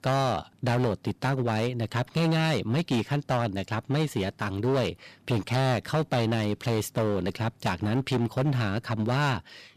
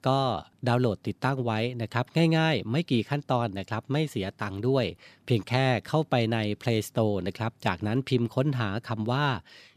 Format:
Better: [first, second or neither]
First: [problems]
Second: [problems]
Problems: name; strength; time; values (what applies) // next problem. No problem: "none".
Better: second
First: distortion; heavy; 15% of the sound clipped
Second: none